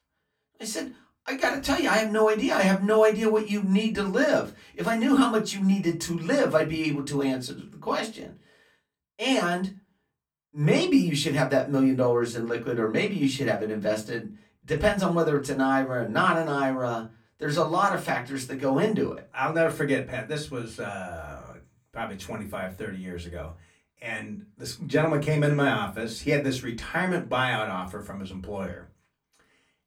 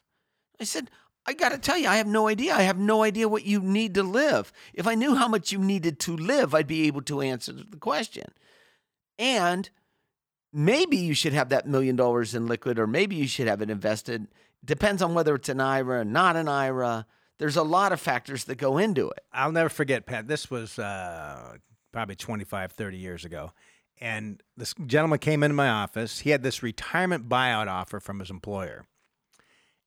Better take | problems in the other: second | off-mic speech; far // room echo; very slight; dies away in 0.2 s

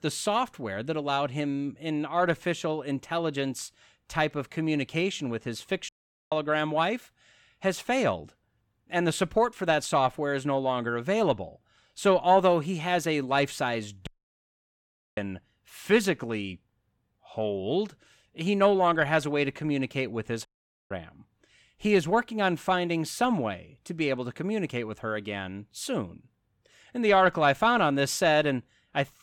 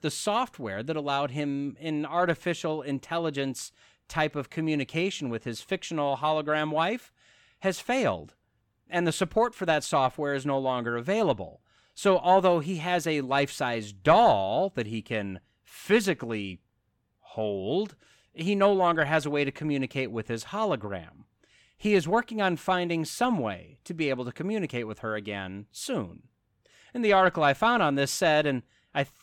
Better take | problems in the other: second | audio cutting out; at 6 s, at 14 s for 1 s and at 20 s

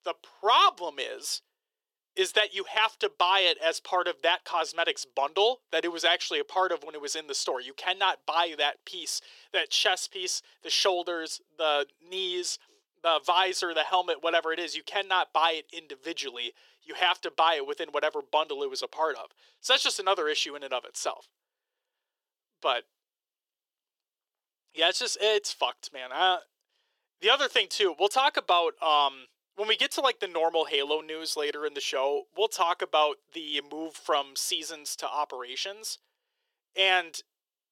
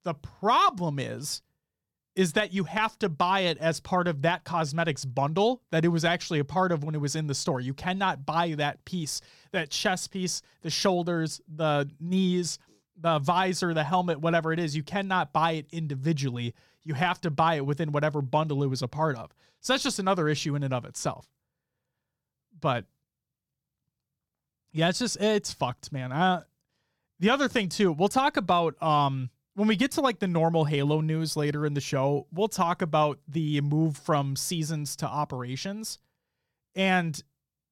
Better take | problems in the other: second | thin; very; fading below 400 Hz

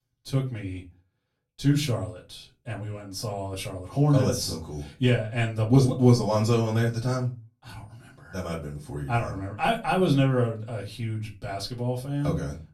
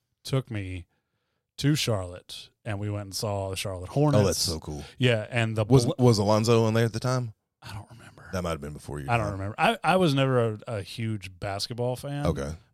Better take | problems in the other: second | off-mic speech; far // room echo; very slight; dies away in 0.3 s

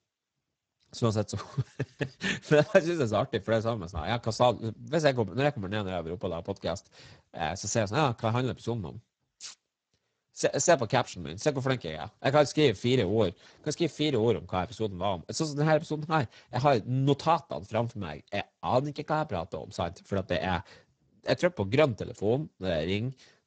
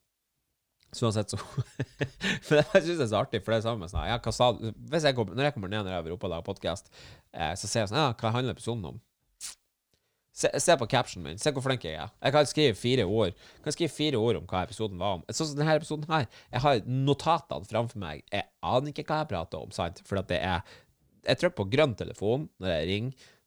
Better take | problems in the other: second | garbled, watery; badly; nothing above 7.5 kHz

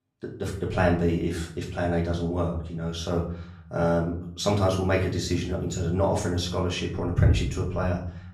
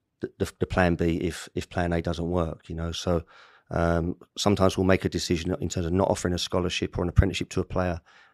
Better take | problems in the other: second | off-mic speech; far // room echo; slight; dies away in 0.5 s

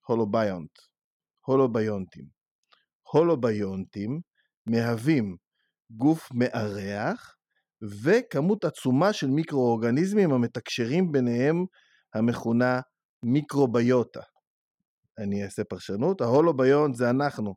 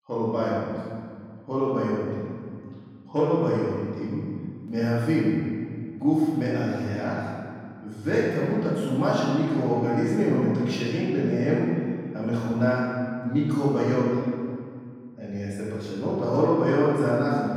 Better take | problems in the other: first | off-mic speech; far // room echo; strong; dies away in 1.9 s

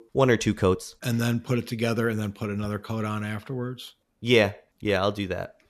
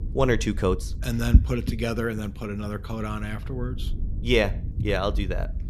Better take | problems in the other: first | low rumble; noticeable; throughout; 15 dB below the speech

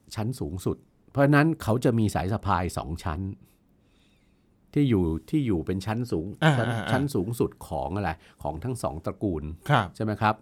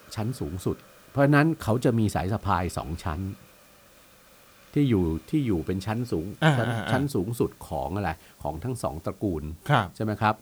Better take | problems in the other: first | hiss; faint; throughout; 25 dB below the speech

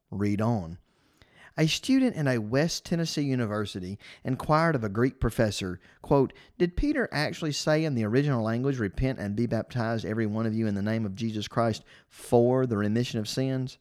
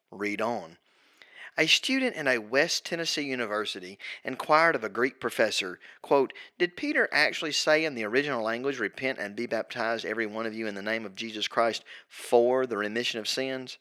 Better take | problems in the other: first | thin; somewhat; fading below 450 Hz

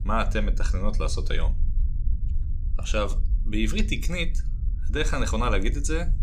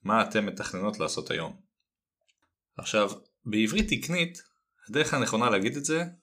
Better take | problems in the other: second | low rumble; noticeable; throughout; 20 dB below the speech

